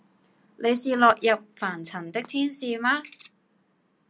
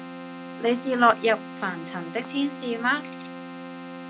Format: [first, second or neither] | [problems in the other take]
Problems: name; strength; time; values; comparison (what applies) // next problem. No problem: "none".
first | background sound (Keyboard (musical)); 11 dB below the speech